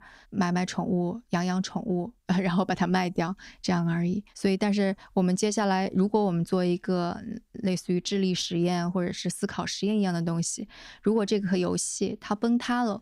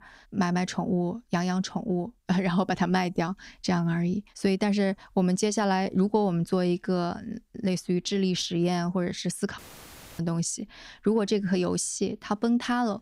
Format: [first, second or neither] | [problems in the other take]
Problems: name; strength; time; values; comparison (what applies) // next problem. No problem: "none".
first | audio cutting out; filled with static; at 9.5 s for 0.5 s